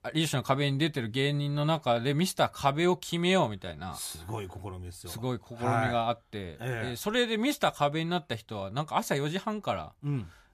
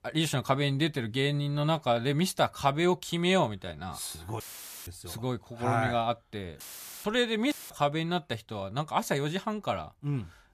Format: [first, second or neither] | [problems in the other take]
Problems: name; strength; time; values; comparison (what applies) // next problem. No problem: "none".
first | audio cutting out; filled with static; at 4.5 s, at 6.5 s and at 7.5 s